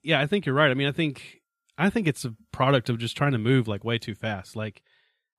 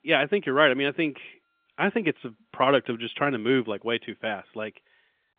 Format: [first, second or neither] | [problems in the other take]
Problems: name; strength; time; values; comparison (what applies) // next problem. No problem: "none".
first | phone-call audio; nothing above 3.5 kHz